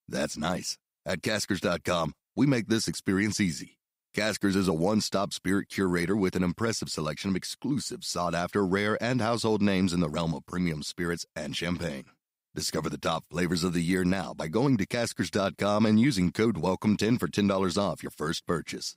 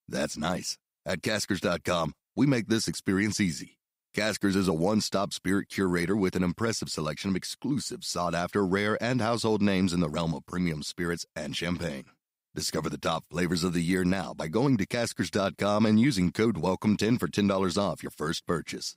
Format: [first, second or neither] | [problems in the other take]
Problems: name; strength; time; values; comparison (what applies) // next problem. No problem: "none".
neither | none